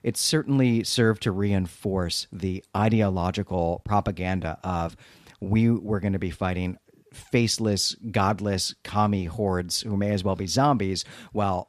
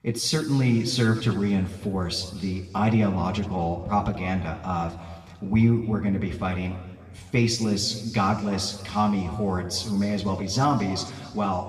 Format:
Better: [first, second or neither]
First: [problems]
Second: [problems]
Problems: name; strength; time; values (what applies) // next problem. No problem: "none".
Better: first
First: none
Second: room echo; slight; dies away in 1.9 s // off-mic speech; somewhat distant